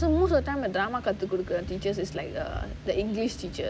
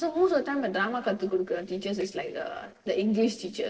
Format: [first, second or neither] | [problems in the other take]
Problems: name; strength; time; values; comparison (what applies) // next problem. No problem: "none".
first | noise reduction (neural separator model SepFormer DNS4)